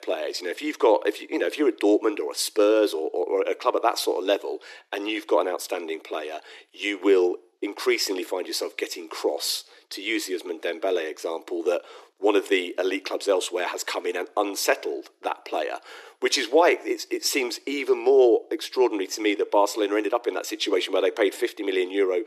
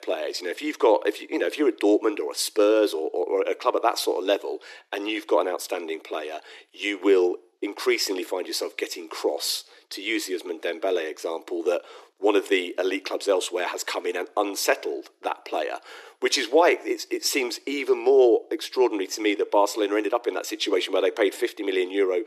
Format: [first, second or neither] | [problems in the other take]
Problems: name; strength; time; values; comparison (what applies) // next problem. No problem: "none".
neither | thin; very; fading below 300 Hz; the same in both